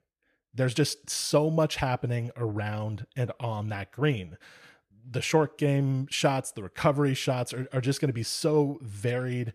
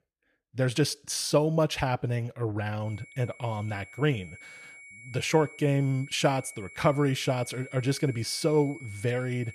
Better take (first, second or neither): first